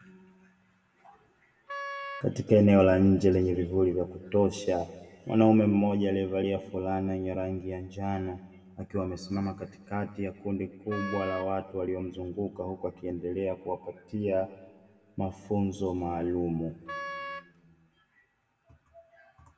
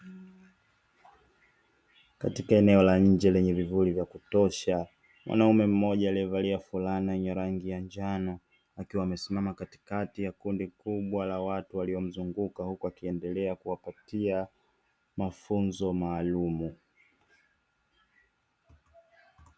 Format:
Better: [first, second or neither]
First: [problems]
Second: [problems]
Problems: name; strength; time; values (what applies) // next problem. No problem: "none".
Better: second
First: background sound (Wind instrument, woodwind instrument); 11 dB below the speech // room echo; dies away in 1.2 s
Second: none